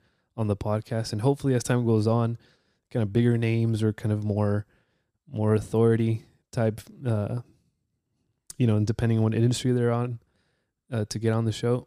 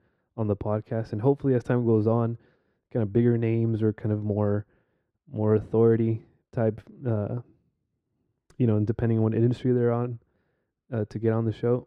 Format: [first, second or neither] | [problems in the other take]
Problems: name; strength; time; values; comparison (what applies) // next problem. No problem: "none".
first | muffled; very; fading above 4 kHz